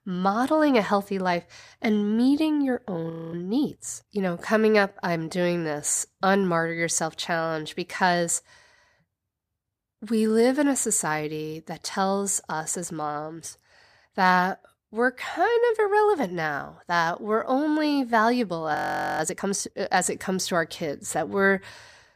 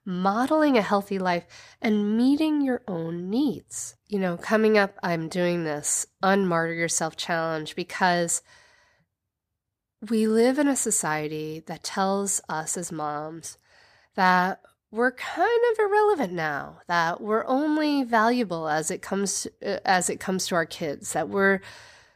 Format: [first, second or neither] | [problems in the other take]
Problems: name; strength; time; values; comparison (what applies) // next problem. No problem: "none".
second | audio freezing; at 3 s and at 19 s